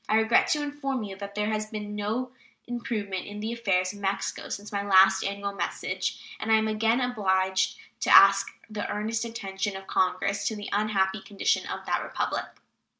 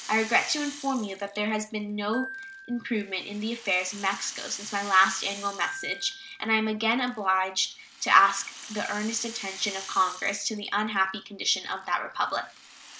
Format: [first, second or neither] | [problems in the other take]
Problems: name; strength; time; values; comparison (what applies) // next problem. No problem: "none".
first | background sound (Glockenspiel + Rattle); 15 dB below the speech